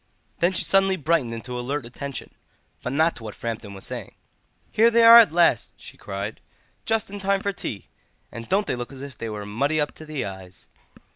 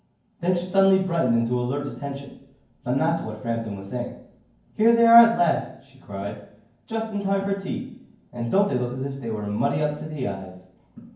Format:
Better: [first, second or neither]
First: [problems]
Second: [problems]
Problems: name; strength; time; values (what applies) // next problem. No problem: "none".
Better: first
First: none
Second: room echo; dies away in 0.9 s